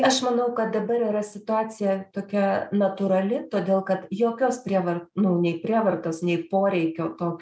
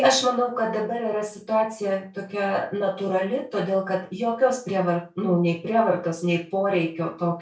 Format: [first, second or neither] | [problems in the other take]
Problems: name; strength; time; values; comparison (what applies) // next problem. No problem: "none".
first | room echo; dies away in 0.3 s